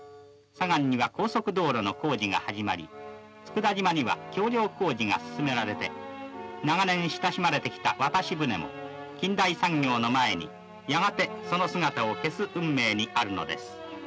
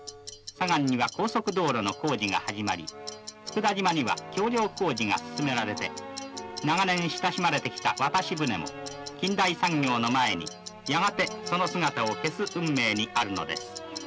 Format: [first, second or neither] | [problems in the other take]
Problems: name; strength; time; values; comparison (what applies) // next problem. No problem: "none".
first | background sound (Clock); 15 dB below the speech